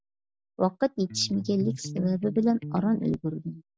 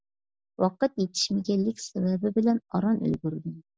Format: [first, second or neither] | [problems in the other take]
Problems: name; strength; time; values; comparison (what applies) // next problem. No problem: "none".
second | background sound (Electric guitar); 10 dB below the speech